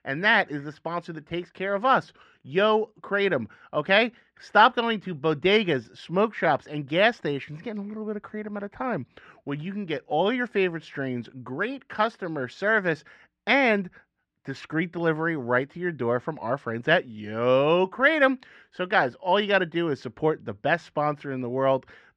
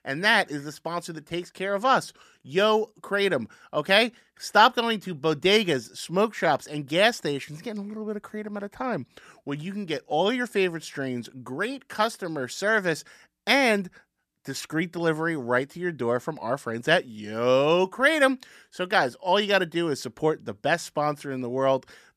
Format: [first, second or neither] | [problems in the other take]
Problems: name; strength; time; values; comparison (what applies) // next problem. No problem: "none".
second | muffled; slightly; fading above 2.5 kHz